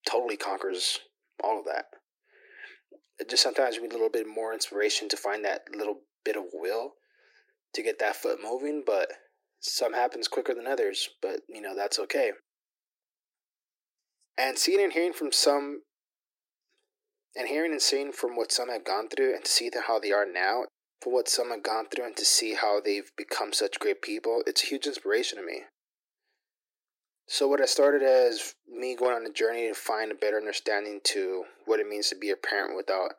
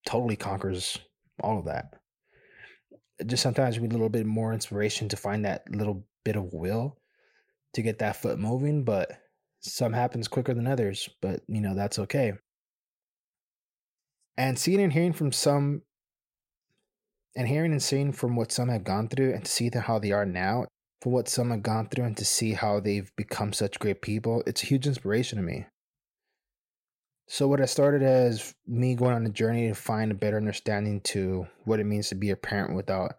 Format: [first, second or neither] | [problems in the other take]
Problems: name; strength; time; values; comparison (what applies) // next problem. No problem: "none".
second | thin; very; fading below 300 Hz